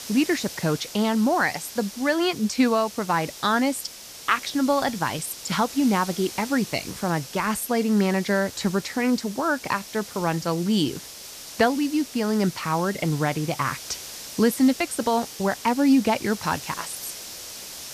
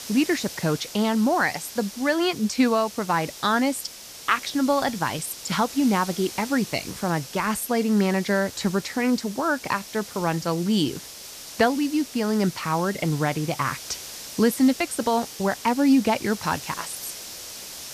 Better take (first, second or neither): neither